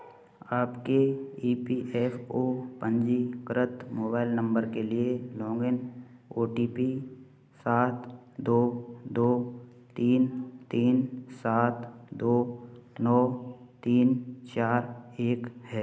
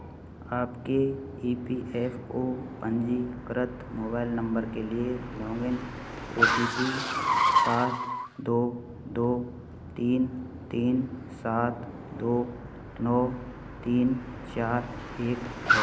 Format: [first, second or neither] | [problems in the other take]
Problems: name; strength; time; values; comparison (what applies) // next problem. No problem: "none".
first | background sound (Car); 3 dB below the speech